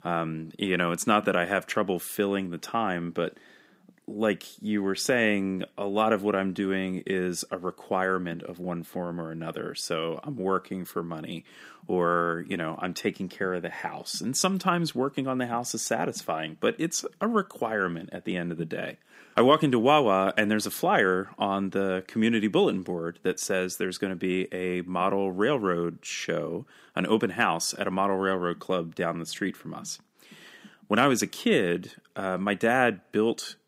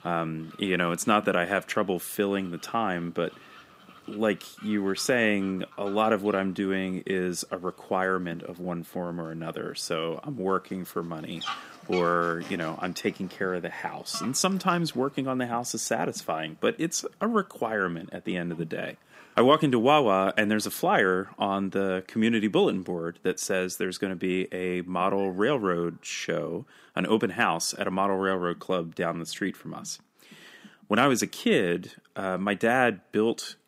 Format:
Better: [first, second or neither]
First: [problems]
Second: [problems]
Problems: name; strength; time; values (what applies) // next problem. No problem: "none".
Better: first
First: none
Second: animal sounds; noticeable; throughout; 20 dB below the speech